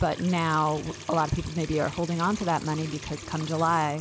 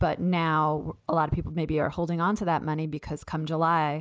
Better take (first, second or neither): second